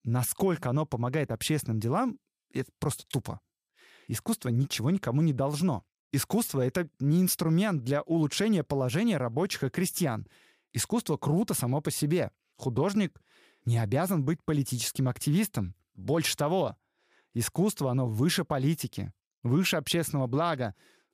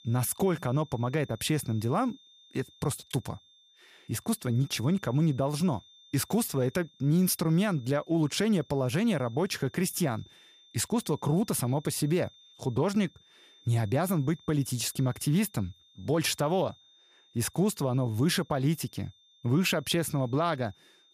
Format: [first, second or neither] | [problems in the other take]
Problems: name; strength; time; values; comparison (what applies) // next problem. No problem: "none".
first | high-pitched whine; faint; throughout; 3.5 kHz, 25 dB below the speech